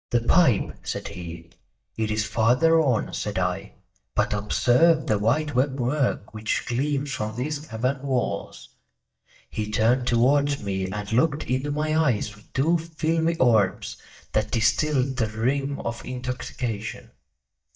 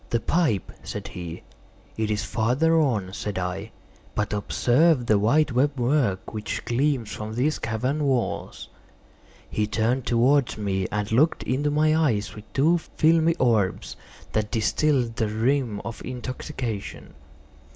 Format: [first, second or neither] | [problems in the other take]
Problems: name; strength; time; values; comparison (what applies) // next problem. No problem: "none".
second | noise reduction (neural mask model DeepFilterNet 3)